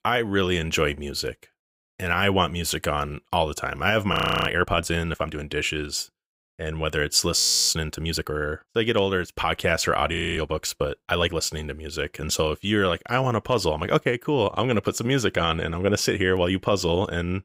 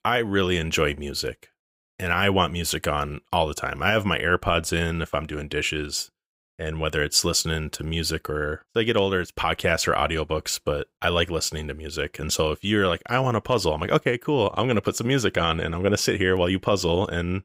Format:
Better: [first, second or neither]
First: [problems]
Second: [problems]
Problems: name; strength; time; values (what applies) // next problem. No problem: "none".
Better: second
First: audio freezing; at 4 s, at 7.5 s and at 10 s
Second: none